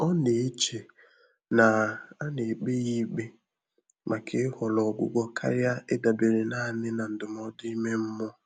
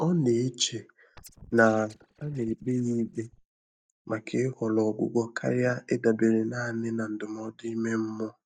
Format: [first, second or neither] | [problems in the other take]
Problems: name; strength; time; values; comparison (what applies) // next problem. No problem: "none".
first | noise reduction (neural mask model DeepFilterNet 3)